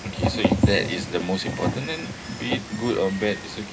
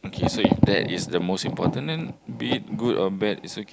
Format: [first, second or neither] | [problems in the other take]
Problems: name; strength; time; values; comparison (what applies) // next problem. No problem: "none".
second | background sound (Water); 13 dB below the speech // room echo; dies away in 0.2 s